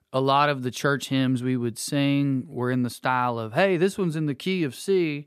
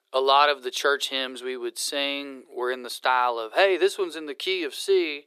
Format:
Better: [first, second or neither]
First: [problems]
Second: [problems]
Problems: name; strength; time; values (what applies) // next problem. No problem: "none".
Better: first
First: none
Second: thin; very; fading below 350 Hz